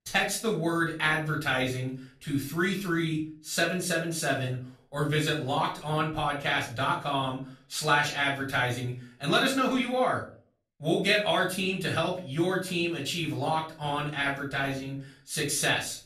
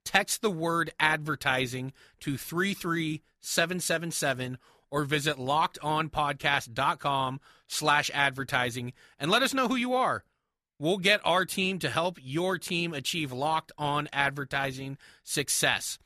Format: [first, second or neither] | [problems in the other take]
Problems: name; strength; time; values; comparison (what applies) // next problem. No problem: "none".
second | room echo; slight; dies away in 0.4 s // off-mic speech; far